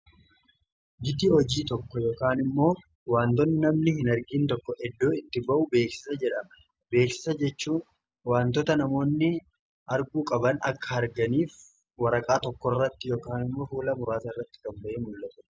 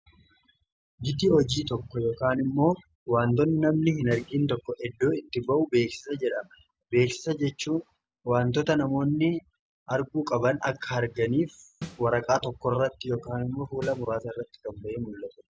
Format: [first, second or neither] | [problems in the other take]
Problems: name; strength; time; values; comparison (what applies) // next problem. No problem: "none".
first | background sound (Snare drum); 17 dB below the speech